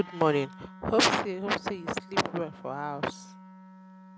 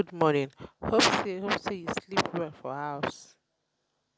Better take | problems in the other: second | background sound (Wind instrument, woodwind instrument); 17 dB below the speech

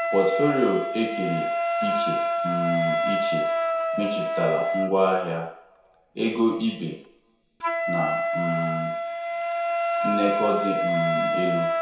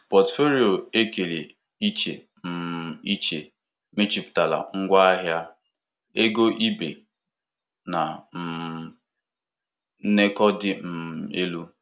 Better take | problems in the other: second | background sound (Wind instrument, woodwind instrument); 1 dB above the speech // room echo; dies away in 0.6 s

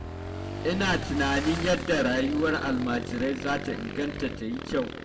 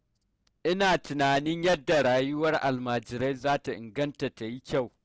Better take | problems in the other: second | background sound (Motorcycle / Engine); 7 dB below the speech // room echo; dies away in 1.7 s

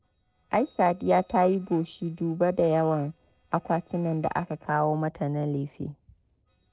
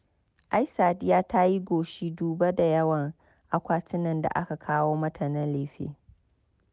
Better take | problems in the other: second | noise reduction (neural separator model SepFormer DNS4)

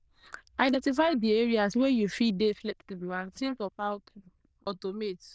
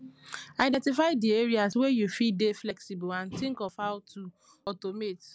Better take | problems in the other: second | noise reduction (neural diffusion model UNIVERSE++)

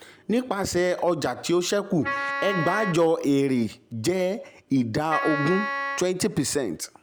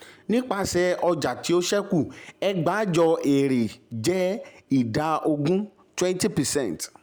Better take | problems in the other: second | background sound (Wind instrument, woodwind instrument); 5 dB below the speech

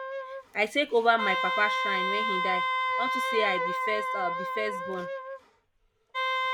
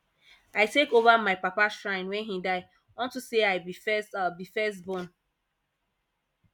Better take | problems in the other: second | background sound (Wind instrument, woodwind instrument); 1 dB above the speech

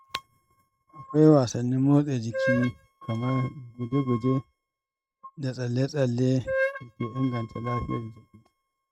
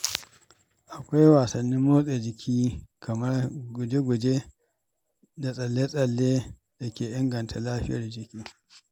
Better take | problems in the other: second | noise reduction (neural mask model RNNoise)

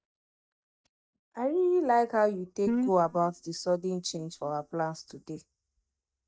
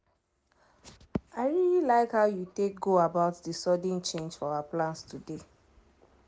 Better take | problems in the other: second | noise reduction (neural mask model DeepFilterNet 3)

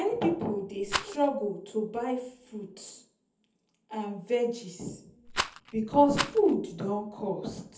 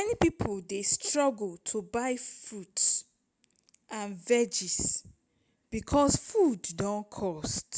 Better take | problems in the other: second | background sound (Rattle); 5 dB below the speech // room echo; dies away in 0.6 s

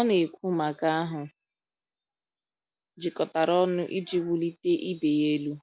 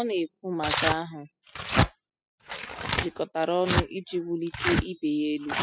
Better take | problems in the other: first | noise reduction (classical method spectral subtraction)

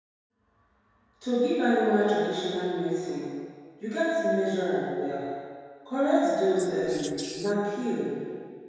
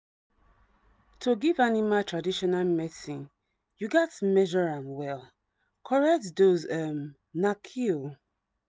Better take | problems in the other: second | background sound (Wild animals); 15 dB below the speech // room echo; dies away in 1.9 s

